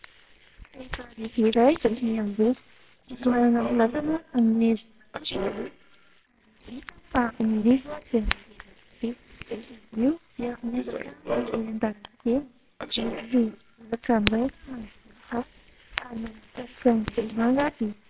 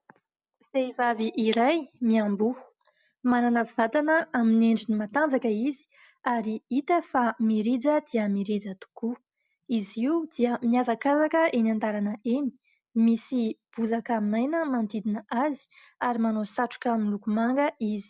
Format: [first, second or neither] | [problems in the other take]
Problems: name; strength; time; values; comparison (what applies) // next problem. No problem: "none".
second | noise reduction (neural separator model SepFormer WHAMR!)